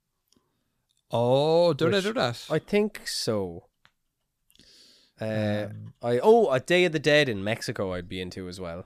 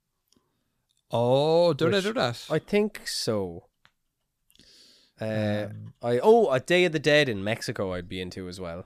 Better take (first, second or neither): neither